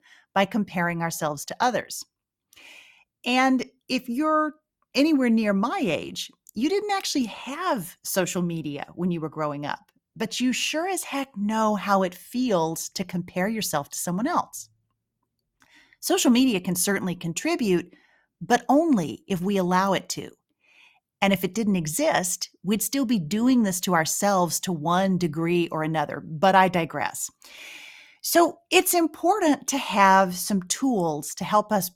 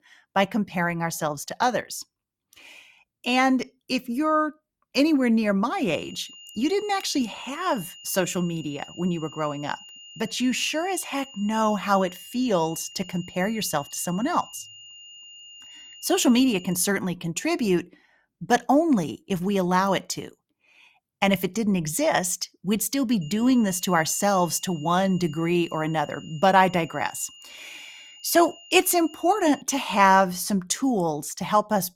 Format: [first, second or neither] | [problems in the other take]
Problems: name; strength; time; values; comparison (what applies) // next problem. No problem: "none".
first | high-pitched whine; noticeable; from 6 to 17 s and from 23 to 30 s; 3 kHz, 20 dB below the speech